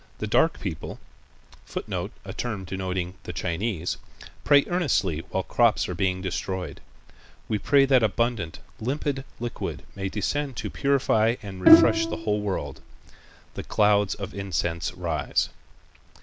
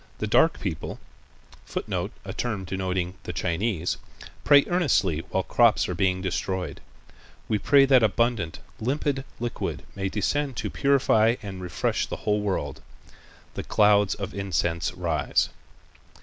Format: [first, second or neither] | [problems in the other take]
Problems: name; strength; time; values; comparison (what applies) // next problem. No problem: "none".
second | background sound (Bowed string instrument); 2 dB above the speech